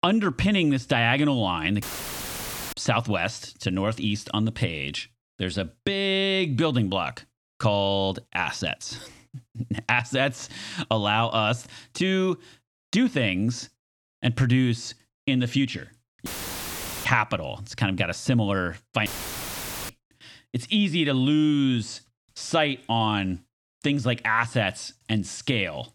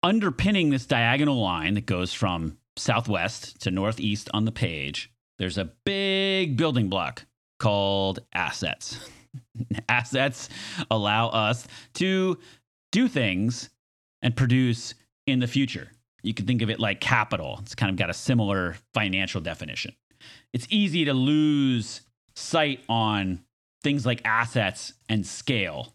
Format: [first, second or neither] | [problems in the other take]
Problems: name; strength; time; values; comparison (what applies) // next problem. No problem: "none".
second | audio cutting out; filled with static; at 2 s for 1 s, at 16 s for 1 s and at 19 s for 1 s